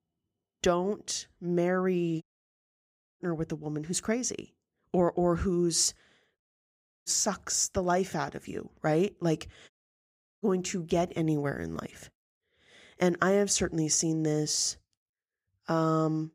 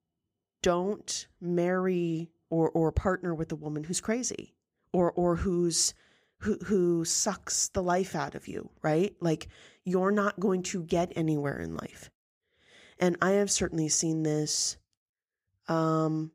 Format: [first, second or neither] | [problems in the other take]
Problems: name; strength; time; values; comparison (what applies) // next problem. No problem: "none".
second | audio cutting out; at 2 s for 1 s, at 6.5 s for 0.5 s and at 9.5 s for 0.5 s